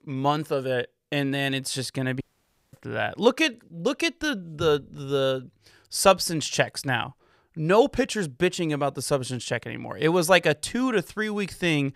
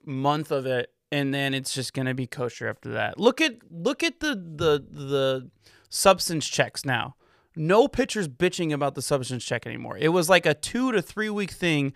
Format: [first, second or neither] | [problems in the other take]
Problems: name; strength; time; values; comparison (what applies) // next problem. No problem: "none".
second | audio cutting out; at 2 s for 0.5 s